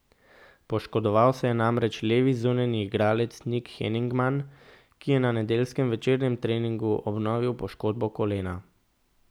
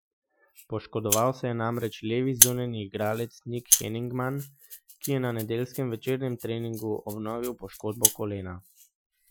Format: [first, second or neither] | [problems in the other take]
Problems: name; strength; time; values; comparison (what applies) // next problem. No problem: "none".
first | noise reduction (classical method Wiener filter)